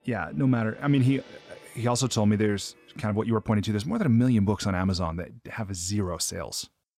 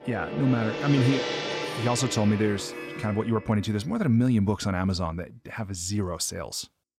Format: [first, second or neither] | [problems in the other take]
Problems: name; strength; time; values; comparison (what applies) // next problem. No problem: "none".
first | background music; loud; until 3 s; 6 dB below the speech; faint in the first